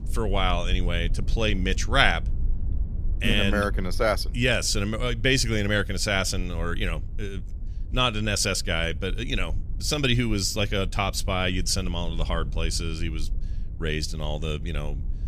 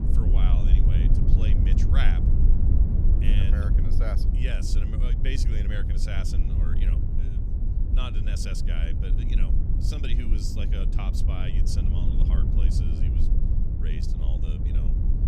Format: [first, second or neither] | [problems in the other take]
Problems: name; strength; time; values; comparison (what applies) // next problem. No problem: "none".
first | low rumble; loud; throughout; 1 dB below the speech; faint in the first